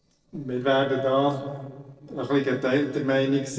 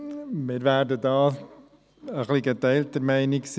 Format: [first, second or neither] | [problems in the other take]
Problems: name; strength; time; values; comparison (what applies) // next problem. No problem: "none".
second | noise reduction (neural separator model SepFormer DNS4)